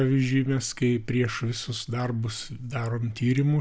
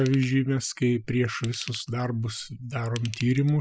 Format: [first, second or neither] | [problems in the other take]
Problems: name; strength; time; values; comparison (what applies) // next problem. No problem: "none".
first | noise reduction (classical method spectral subtraction)